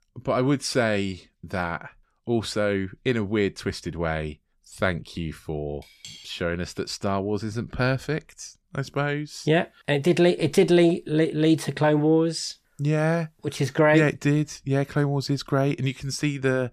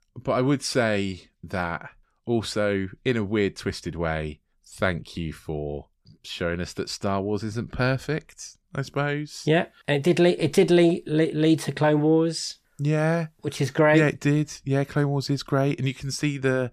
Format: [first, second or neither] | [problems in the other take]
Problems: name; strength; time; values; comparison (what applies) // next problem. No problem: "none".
second | clattering dishes; faint; at 6 s; peak 15 dB below the speech